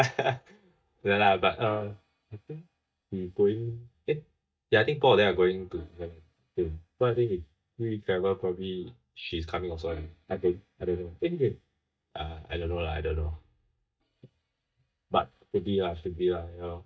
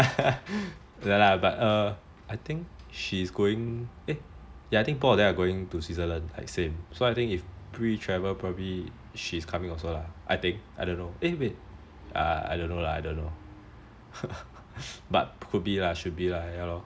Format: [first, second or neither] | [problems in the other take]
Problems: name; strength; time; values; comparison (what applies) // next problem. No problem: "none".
second | noise reduction (neural mask model DeepFilterNet 3)